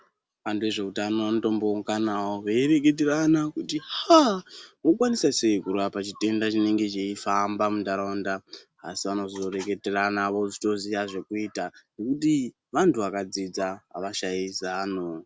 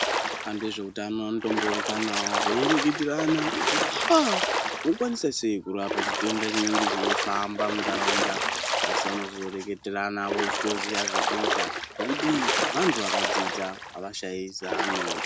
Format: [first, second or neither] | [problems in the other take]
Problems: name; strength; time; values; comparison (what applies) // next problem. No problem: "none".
first | background sound (Splash, splatter); 1 dB above the speech